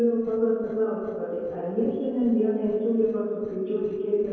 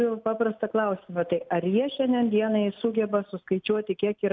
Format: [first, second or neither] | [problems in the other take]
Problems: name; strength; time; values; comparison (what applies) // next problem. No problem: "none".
second | noise reduction (neural separator model SepFormer DNS4)